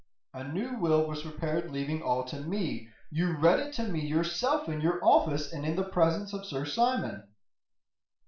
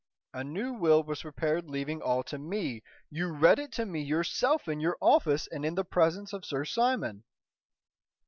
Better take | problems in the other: second | room echo; dies away in 0.4 s

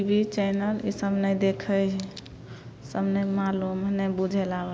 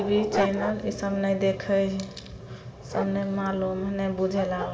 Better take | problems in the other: first | background sound (Dog); 10 dB below the speech // room echo; dies away in 2.6 s

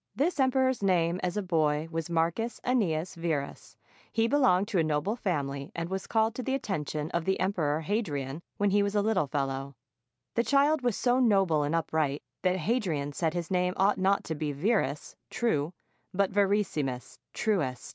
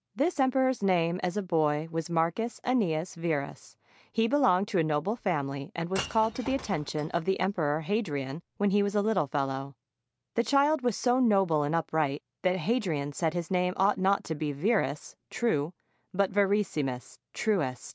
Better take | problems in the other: first | background sound (Shatter / Crushing); 16 dB below the speech

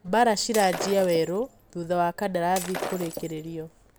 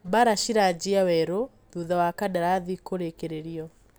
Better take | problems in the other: second | background sound (Shatter); 11 dB below the speech

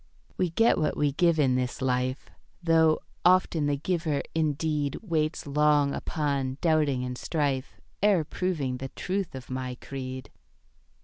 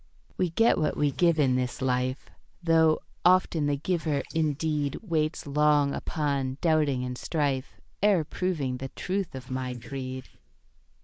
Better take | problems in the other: first | noise reduction (neural mask model Resemble Enhance denoiser)

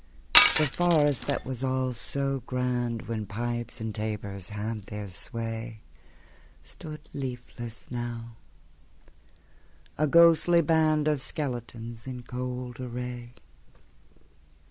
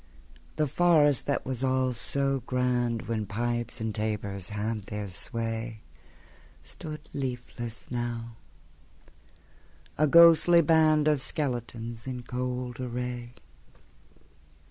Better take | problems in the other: second | background sound (Glass); 3 dB above the speech

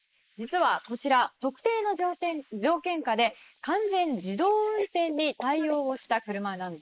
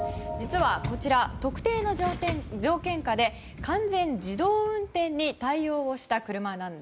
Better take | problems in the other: second | noise reduction (neural mask model Resemble Enhance denoiser)

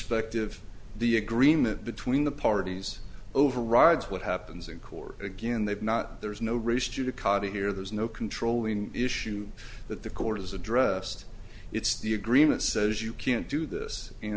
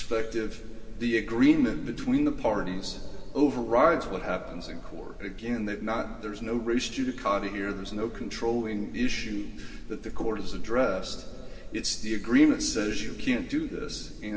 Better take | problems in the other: first | room echo; dies away in 2.5 s

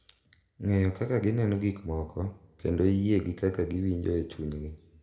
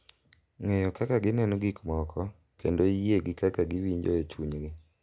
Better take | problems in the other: second | room echo; dies away in 0.7 s

